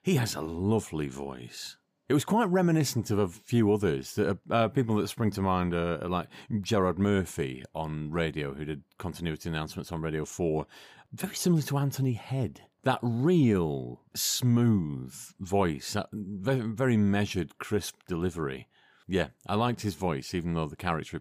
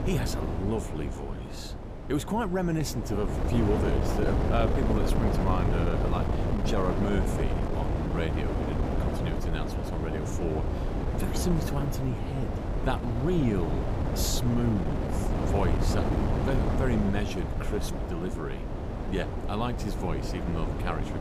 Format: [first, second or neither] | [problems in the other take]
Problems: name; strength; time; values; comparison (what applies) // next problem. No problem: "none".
first | wind noise on the microphone; heavy; 1 dB below the speech